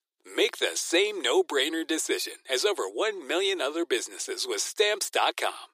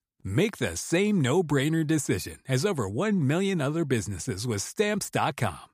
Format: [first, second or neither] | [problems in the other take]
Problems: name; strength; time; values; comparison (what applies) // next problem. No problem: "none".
second | thin; very; fading below 350 Hz